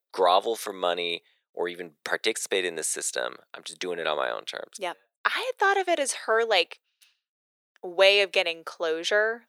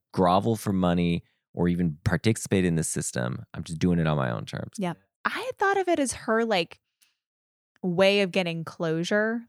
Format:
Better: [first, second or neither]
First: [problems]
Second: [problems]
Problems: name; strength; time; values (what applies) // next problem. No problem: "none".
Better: second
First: thin; very; fading below 450 Hz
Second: none